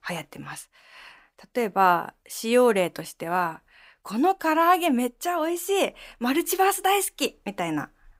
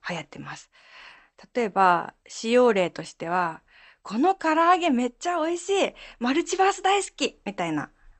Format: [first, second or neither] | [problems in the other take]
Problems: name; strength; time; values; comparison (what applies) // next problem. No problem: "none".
first | garbled, watery; slightly; nothing above 8.5 kHz